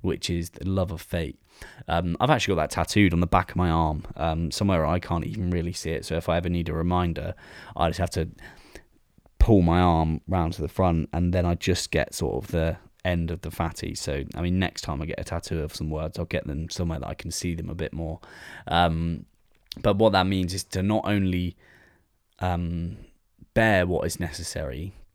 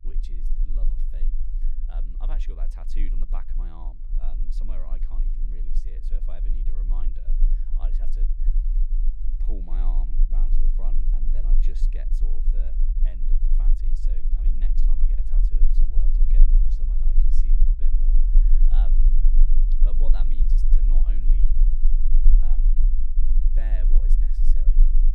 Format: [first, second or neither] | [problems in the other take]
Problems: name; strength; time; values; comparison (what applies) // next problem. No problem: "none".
first | low rumble; loud; throughout; 2 dB below the speech